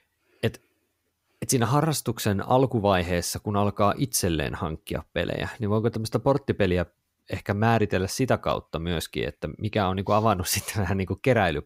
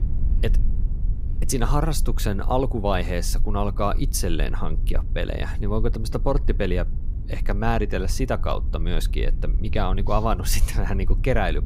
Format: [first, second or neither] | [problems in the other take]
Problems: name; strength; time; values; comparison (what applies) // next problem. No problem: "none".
first | low rumble; noticeable; throughout; 20 dB below the speech